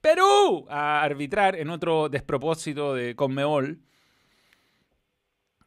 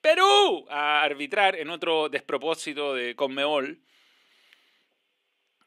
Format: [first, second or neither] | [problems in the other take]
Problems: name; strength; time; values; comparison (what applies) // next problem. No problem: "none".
first | thin; very slightly; fading below 300 Hz